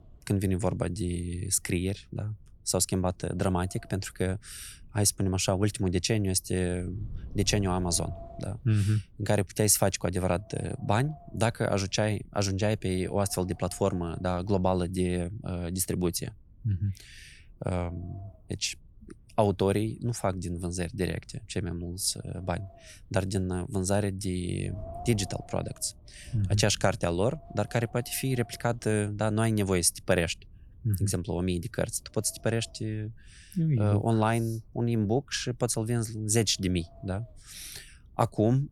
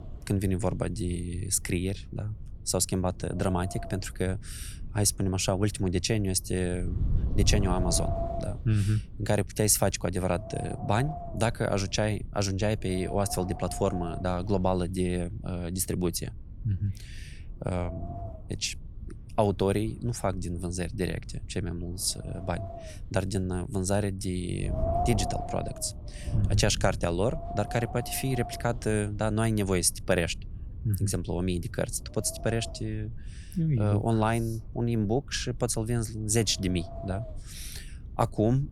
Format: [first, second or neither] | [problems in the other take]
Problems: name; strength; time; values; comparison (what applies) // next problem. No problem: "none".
first | wind noise on the microphone; heavy; 8 dB below the speech; occasional gusts in the first